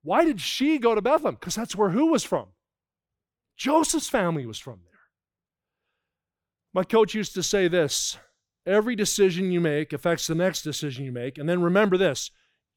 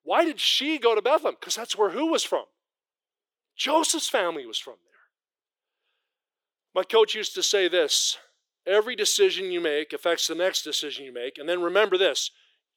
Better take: first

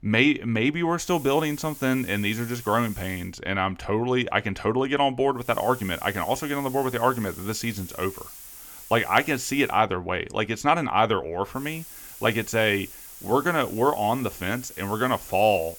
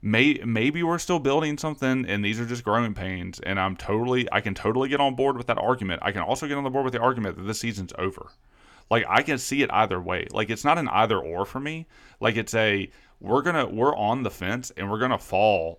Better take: second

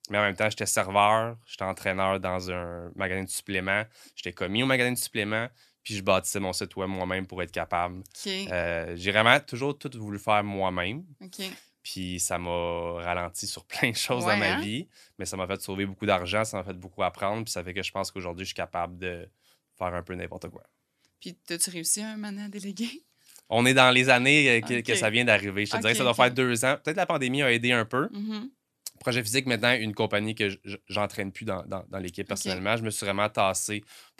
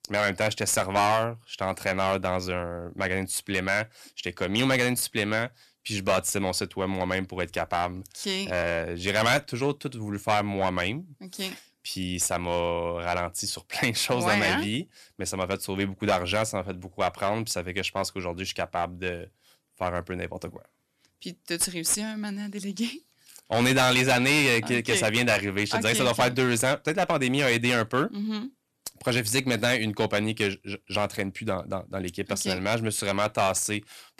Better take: first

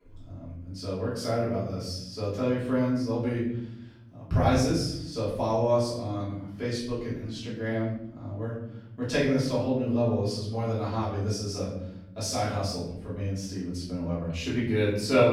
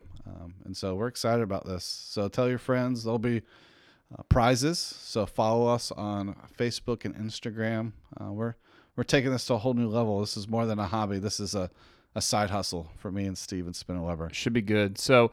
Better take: second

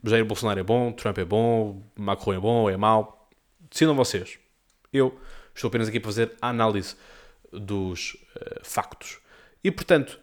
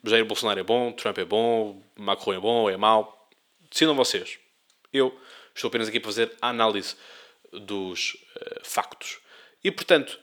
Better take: first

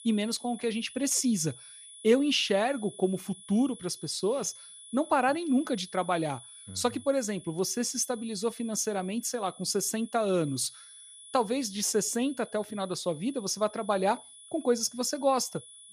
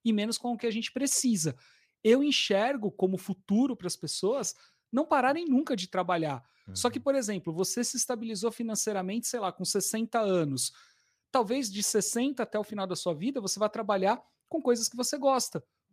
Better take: second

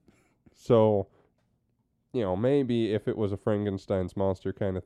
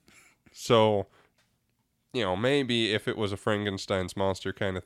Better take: second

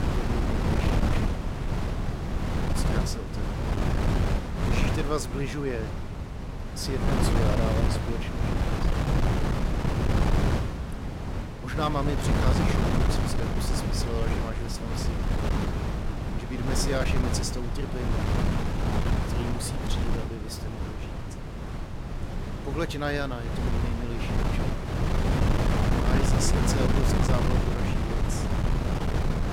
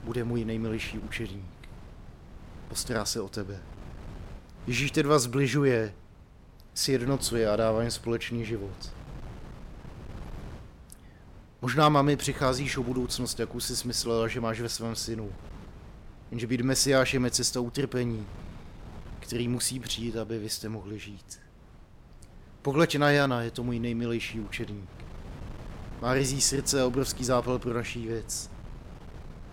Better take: second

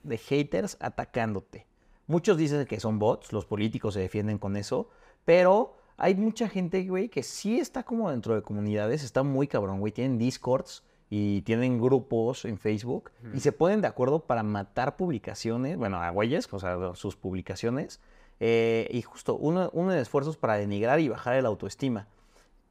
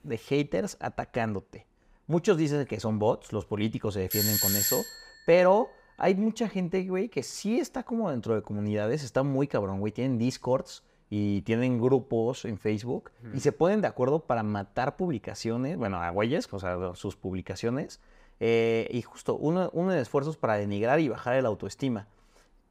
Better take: first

